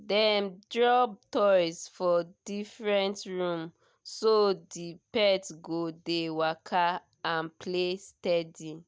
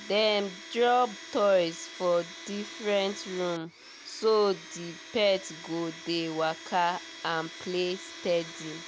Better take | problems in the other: first | background sound (Domestic sounds, home sounds); 15 dB below the speech

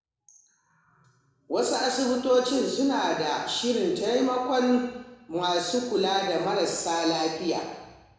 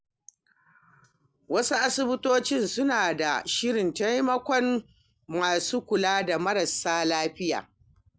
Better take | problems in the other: second | room echo; dies away in 1 s

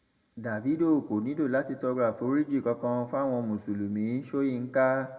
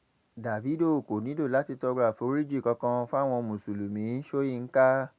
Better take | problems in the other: second | room echo; dies away in 0.8 s

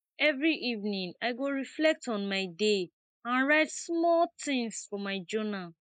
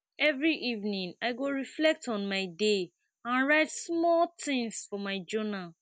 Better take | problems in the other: second | noise reduction (neural mask model Resemble Enhance denoiser)

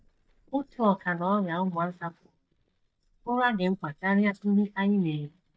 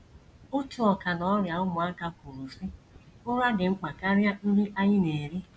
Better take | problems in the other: second | noise reduction (neural mask model DeepFilterNet 3)

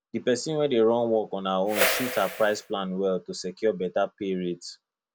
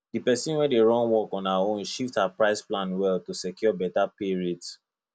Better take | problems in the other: second | background sound (Whoosh, swoosh, swish); 2 dB below the speech

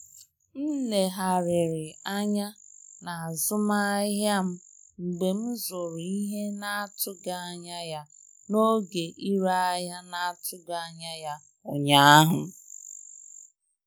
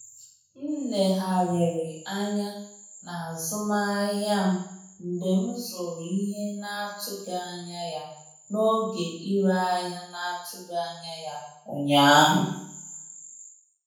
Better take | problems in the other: first | room echo; dies away in 0.7 s

